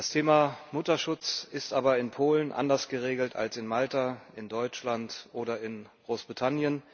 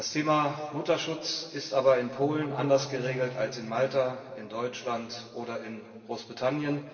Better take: first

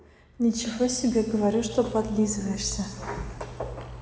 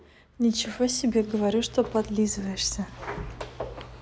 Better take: second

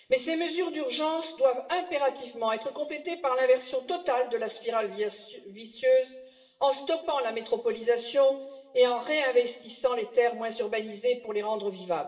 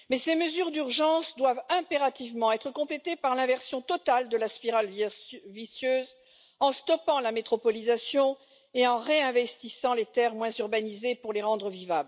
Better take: second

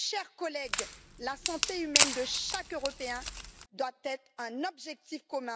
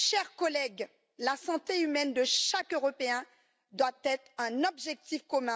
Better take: second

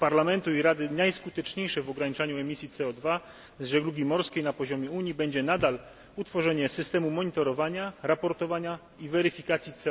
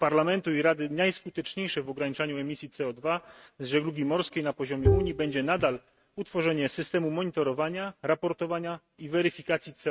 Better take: first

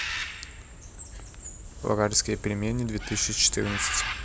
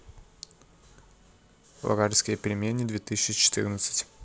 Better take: second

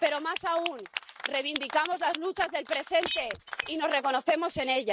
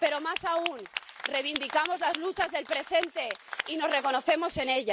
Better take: second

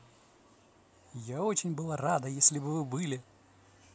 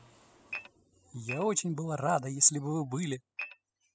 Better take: first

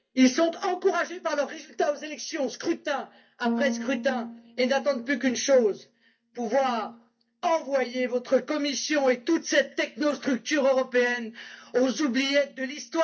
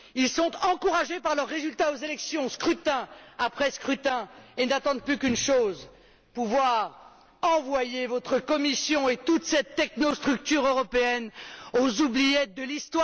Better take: second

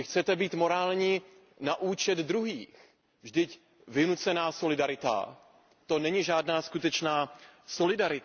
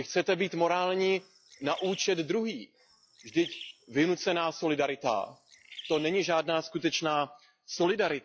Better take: first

